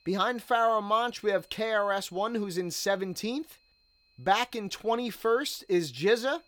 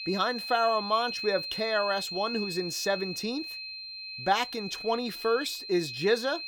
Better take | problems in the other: first | high-pitched whine; loud; throughout; 4 kHz, 6 dB below the speech; faint in the first

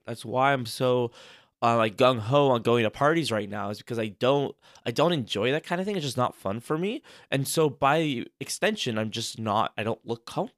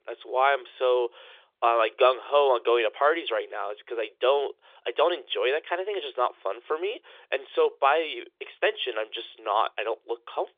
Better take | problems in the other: first | phone-call audio; nothing above 3.5 kHz

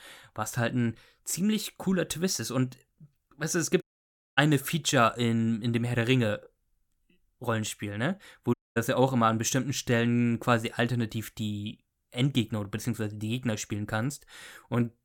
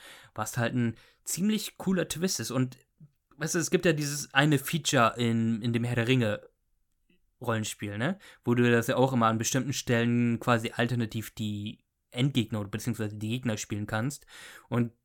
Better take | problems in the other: second | audio cutting out; at 4 s for 0.5 s and at 8.5 s

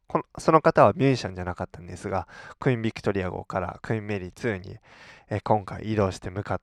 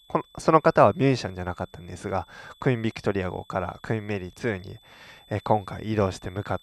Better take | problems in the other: first | high-pitched whine; faint; throughout; 3.5 kHz, 30 dB below the speech

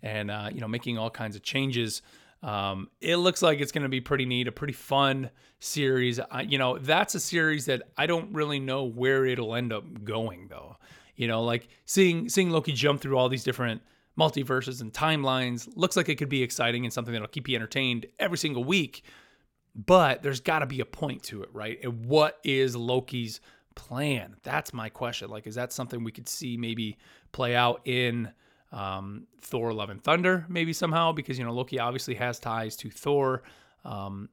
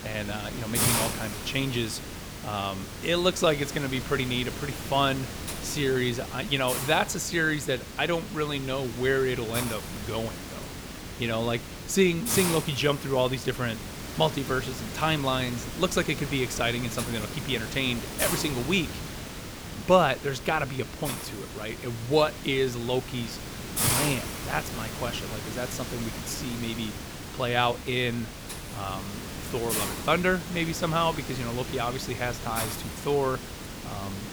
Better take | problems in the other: first | hiss; loud; throughout; 6 dB below the speech

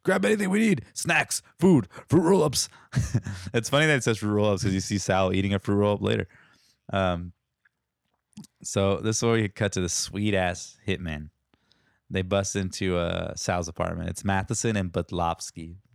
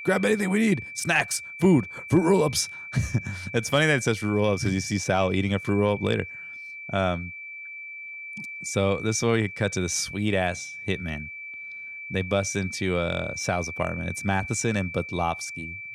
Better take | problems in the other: first | high-pitched whine; noticeable; throughout; 2.5 kHz, 10 dB below the speech

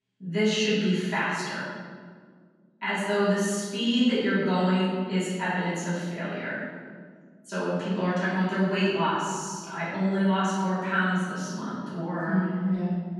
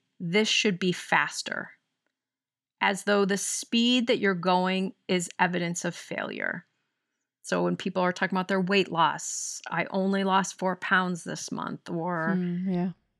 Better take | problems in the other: second | room echo; strong; dies away in 1.7 s // off-mic speech; far

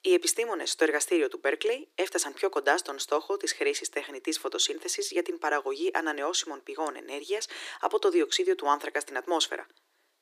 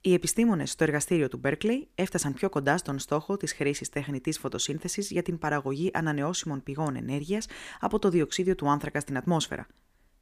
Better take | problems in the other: second | thin; very; fading below 300 Hz

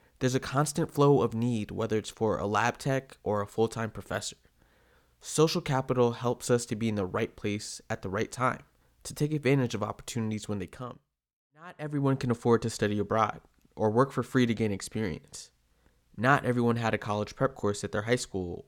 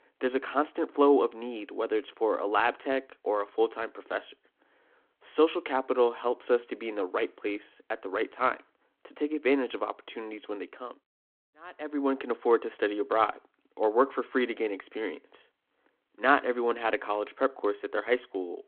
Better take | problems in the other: first | phone-call audio

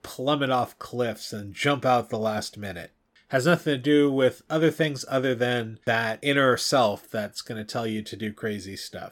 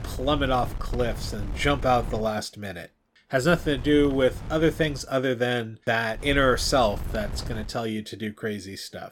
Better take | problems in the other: first | wind noise on the microphone; occasional gusts; until 2 s, from 3.5 to 5 s and from 6 to 7.5 s; 20 dB below the speech

